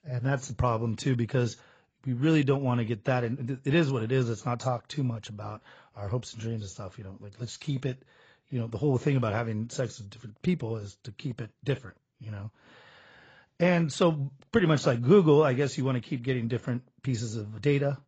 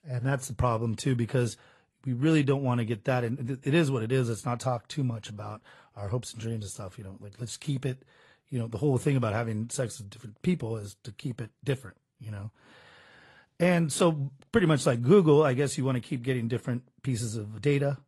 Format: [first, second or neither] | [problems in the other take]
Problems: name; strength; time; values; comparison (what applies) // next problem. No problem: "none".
second | garbled, watery; badly; nothing above 7.5 kHz; slightly in the second